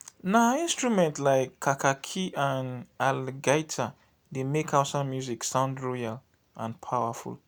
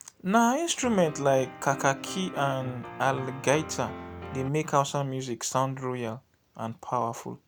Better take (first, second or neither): first